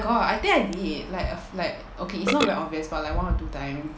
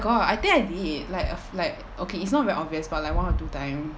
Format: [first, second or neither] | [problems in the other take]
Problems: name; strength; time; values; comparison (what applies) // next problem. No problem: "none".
second | background sound (Burping, eructation); 10 dB below the speech // room echo; dies away in 0.4 s